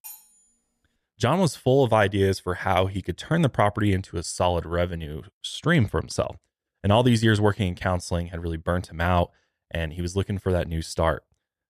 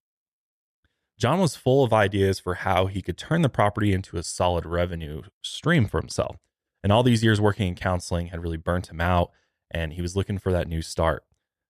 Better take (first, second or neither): second